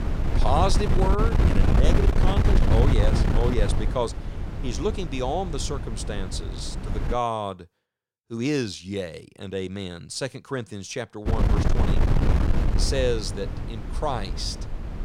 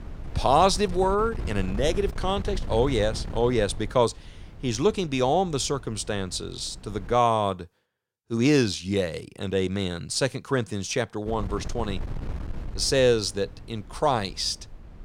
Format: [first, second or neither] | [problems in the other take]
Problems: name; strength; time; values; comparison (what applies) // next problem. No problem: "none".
second | wind noise on the microphone; heavy; until 7 s and from 11 s on; 4 dB below the speech; occasional gusts in the second